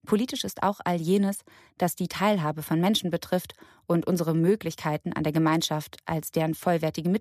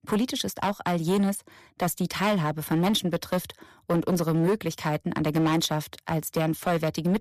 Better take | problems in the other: first | distortion; slight; 10% of the sound clipped

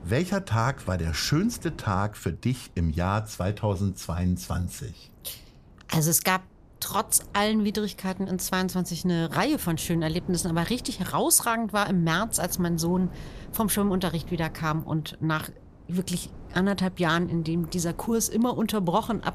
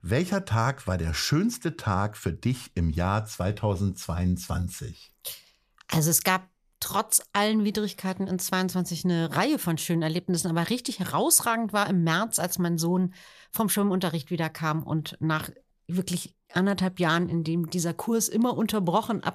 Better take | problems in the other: second | wind noise on the microphone; occasional gusts; 25 dB below the speech

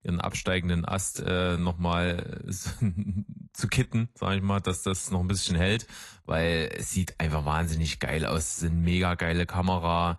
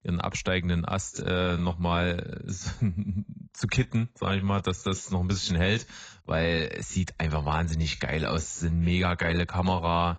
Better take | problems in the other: first | garbled, watery; badly; nothing above 7.5 kHz; slightly in the first

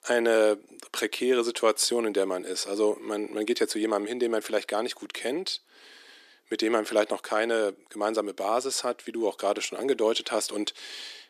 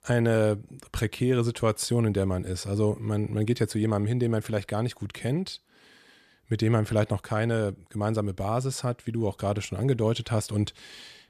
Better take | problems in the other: second | thin; very; fading below 300 Hz

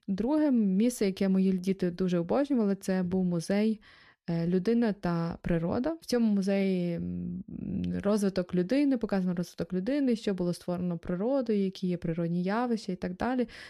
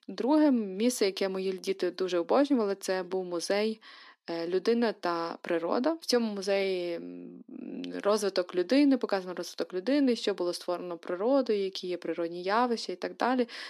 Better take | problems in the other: first | thin; very slightly; fading below 250 Hz

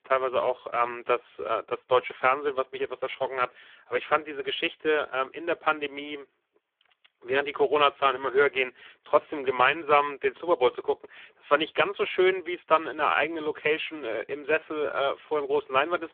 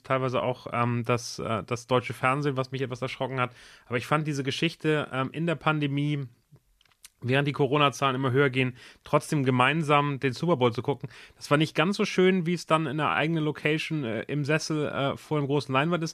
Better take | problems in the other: second | phone-call audio; poor line

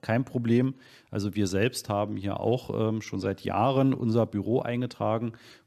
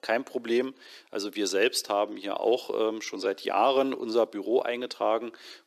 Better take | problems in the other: first | thin; somewhat; fading below 350 Hz

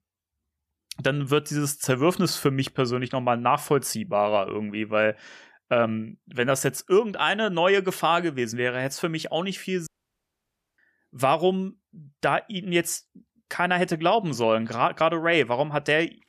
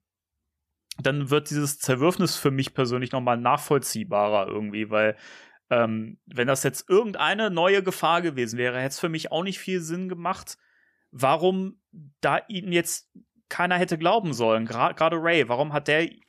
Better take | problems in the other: second | audio cutting out; at 10 s for 1 s

